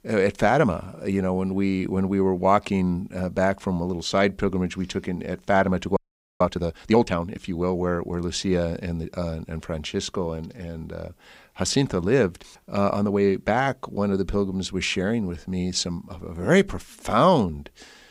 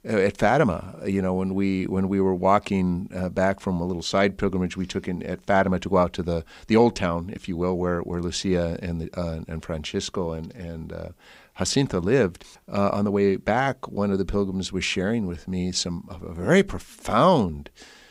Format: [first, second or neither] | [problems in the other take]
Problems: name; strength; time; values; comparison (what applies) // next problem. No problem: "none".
second | audio freezing; at 6 s